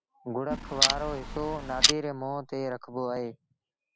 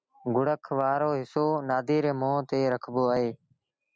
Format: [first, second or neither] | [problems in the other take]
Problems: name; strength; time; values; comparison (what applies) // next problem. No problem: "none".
second | background sound (Clock); 4 dB above the speech